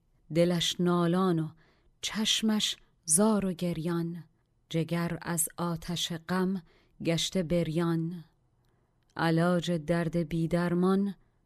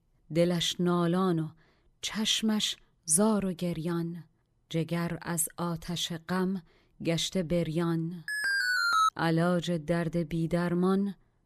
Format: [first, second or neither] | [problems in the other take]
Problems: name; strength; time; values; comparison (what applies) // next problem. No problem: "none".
first | alarm; loud; at 8.5 s; peak 5 dB above the speech